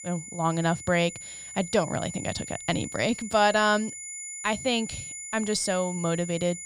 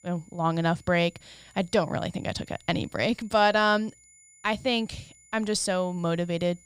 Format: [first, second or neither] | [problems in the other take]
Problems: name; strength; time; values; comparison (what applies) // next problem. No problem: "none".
second | high-pitched whine; loud; throughout; 7 kHz, 10 dB below the speech; faint in the second